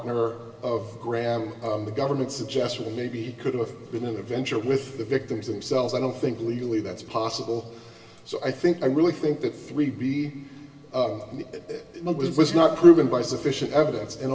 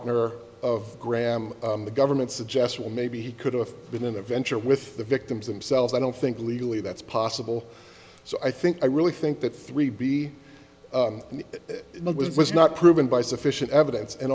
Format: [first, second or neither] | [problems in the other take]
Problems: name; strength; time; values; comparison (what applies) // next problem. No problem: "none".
second | room echo; dies away in 2.3 s